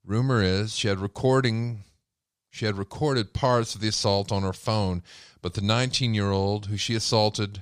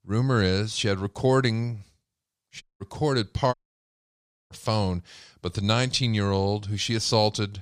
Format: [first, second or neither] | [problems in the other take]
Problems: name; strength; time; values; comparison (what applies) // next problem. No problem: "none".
first | audio cutting out; at 2.5 s and at 3.5 s for 1 s